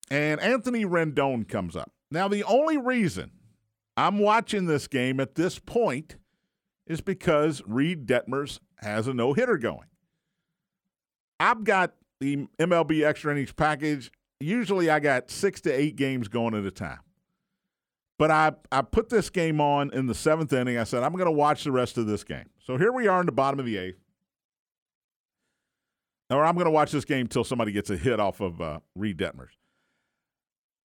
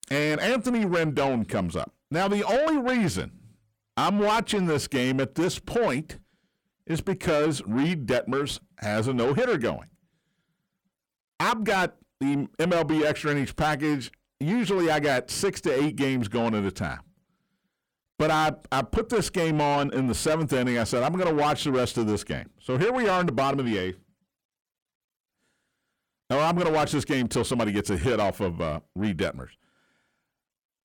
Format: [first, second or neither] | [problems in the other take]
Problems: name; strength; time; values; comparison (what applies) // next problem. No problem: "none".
first | distortion; heavy; 8 dB below the speech